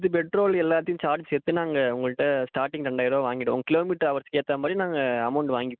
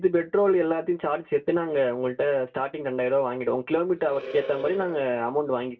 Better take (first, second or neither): first